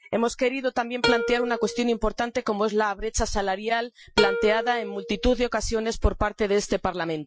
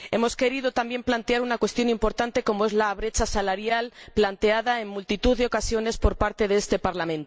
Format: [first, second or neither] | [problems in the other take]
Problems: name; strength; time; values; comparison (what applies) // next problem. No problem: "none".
second | noise reduction (classical method Wiener filter)